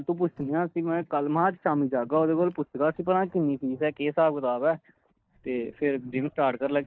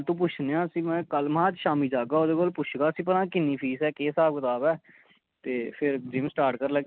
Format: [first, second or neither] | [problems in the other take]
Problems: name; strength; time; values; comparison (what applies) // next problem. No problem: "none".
second | noise reduction (neural mask model DeepFilterNet 3)